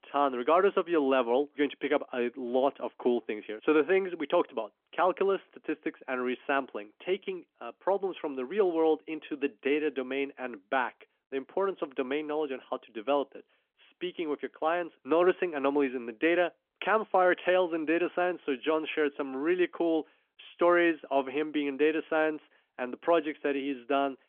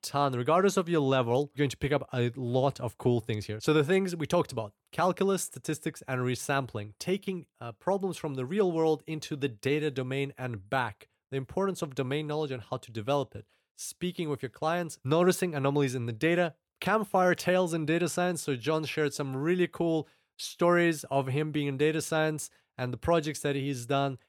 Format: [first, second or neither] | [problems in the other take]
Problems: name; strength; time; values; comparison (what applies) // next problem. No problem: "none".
second | phone-call audio; nothing above 3.5 kHz